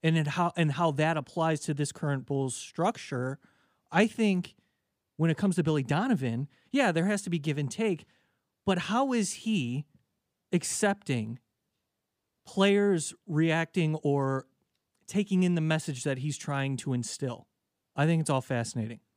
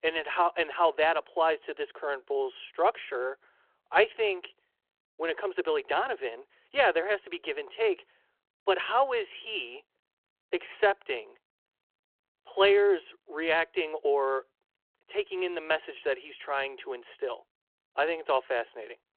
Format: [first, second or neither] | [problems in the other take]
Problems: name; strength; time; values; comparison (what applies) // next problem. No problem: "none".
first | phone-call audio